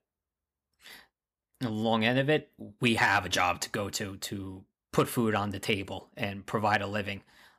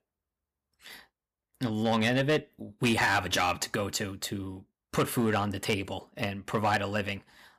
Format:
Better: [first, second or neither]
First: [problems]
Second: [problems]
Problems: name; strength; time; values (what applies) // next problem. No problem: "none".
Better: first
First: none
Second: distortion; slight; 4% of the sound clipped